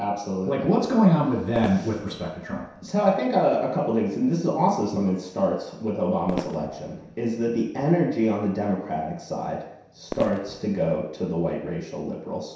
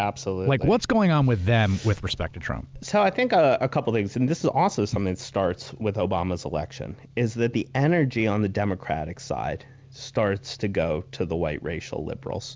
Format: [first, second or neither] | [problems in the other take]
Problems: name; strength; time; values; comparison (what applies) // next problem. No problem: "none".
second | background sound (Fireworks); 14 dB below the speech // room echo; dies away in 0.7 s